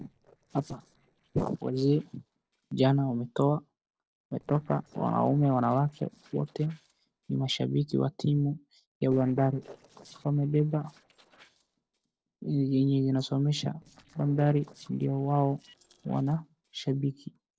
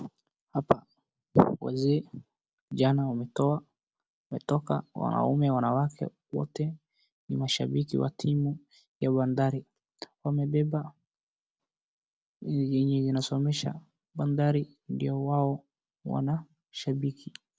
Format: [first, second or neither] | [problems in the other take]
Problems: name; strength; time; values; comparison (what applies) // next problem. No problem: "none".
second | noise reduction (neural separator model SepFormer DNS4)